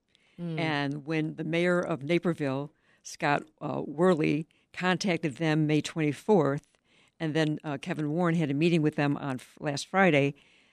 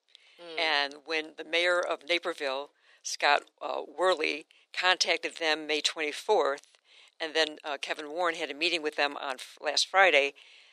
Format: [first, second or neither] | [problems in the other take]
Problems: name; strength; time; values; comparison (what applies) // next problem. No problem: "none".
first | thin; very; fading below 500 Hz